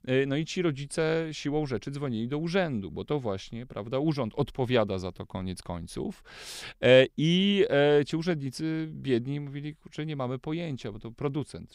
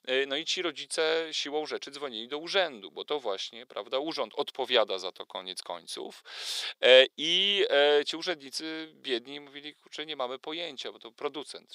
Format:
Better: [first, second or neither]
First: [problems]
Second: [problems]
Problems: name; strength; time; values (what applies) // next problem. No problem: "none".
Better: first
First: none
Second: thin; very; fading below 450 Hz